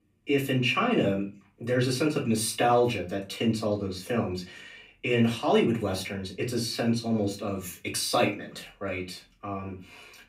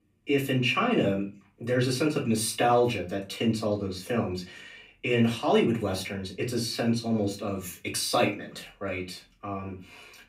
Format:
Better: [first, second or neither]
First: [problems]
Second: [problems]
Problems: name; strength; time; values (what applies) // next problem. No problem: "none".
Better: neither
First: off-mic speech; far // room echo; very slight; dies away in 0.3 s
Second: off-mic speech; far // room echo; very slight; dies away in 0.3 s